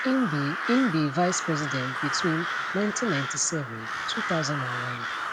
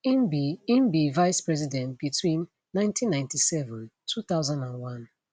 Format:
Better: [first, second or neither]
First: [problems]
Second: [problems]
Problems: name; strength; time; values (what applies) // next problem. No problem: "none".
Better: second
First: background sound (Crow); 3 dB below the speech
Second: none